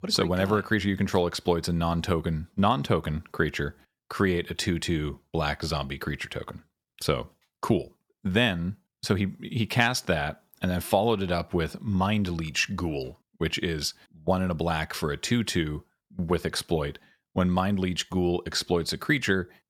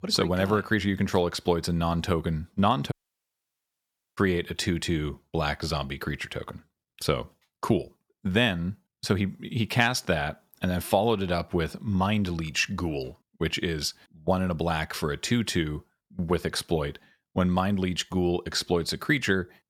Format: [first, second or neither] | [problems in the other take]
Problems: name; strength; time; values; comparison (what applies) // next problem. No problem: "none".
first | audio cutting out; at 3 s for 1.5 s